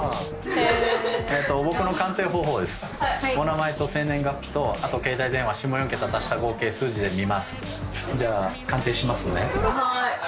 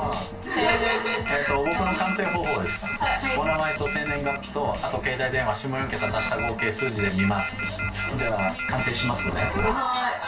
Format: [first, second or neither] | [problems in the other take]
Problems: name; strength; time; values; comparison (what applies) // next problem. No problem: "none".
first | background sound (Telephone); 6 dB below the speech // room echo; dies away in 0.2 s